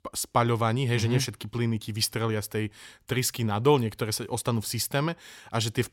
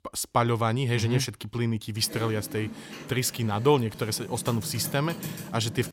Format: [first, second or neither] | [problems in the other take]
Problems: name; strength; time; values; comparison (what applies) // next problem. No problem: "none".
first | keyboard typing; noticeable; from 2 s on; peak 9 dB below the speech